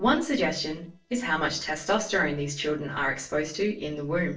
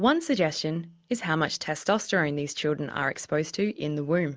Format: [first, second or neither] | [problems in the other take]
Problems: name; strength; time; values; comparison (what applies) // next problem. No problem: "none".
second | noise reduction (neural separator model SepFormer DNS4)